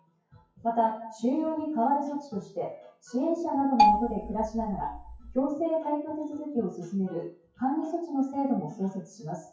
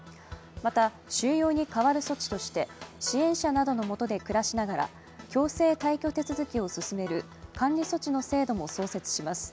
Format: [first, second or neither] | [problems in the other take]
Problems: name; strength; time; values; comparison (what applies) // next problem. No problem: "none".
second | noise reduction (classical method WPE with log-MMSE)